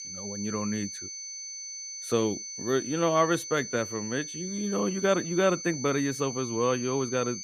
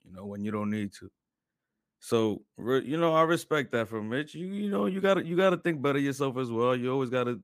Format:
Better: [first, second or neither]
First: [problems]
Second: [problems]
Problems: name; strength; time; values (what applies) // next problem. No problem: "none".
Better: second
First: high-pitched whine; loud; throughout; 6 kHz, 8 dB below the speech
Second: none